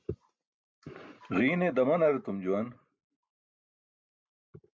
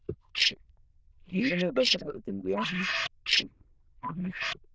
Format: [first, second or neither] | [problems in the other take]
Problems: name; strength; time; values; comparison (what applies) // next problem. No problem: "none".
first | noise reduction (neural diffusion model UNIVERSE++)